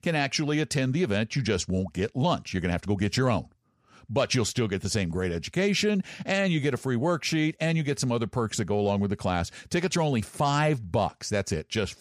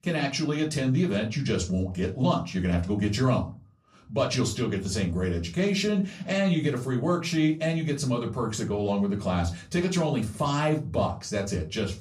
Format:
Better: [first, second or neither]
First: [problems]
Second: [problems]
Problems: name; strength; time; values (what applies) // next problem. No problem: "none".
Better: first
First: none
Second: off-mic speech; far // room echo; very slight; dies away in 0.3 s